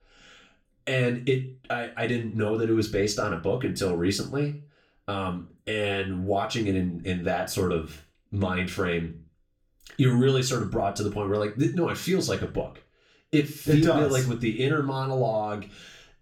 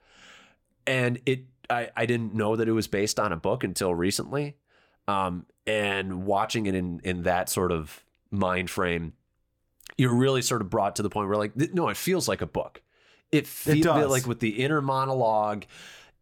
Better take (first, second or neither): second